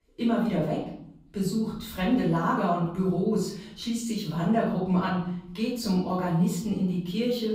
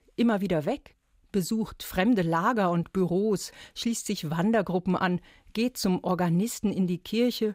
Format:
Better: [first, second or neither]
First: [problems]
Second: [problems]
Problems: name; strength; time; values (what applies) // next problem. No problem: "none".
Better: second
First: off-mic speech; far // room echo; noticeable; dies away in 0.7 s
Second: none